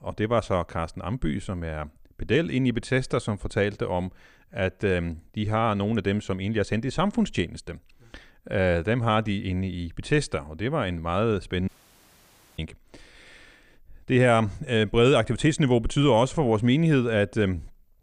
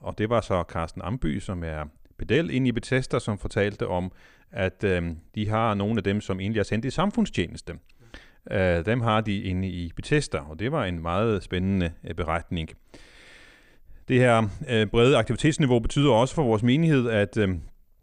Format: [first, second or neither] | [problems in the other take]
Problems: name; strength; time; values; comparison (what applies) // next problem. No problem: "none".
second | audio cutting out; at 12 s for 1 s